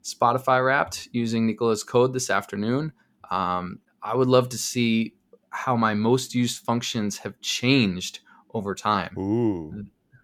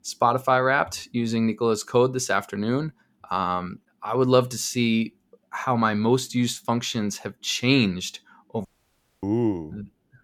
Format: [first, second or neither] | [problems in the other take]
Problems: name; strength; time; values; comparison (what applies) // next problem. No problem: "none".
first | audio cutting out; at 8.5 s for 0.5 s